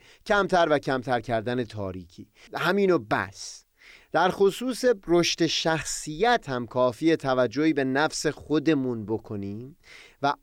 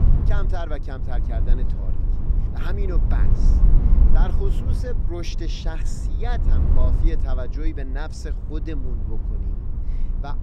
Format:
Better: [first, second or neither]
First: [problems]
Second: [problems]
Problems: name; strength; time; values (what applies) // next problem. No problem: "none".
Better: first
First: none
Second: low rumble; loud; throughout; 4 dB below the speech